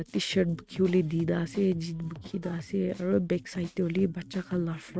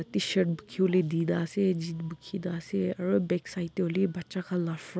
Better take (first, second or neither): second